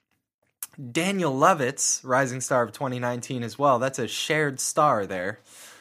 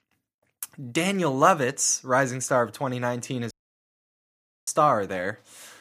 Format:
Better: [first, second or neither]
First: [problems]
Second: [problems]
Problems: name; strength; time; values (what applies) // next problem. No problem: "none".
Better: first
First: none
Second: audio cutting out; at 3.5 s for 1 s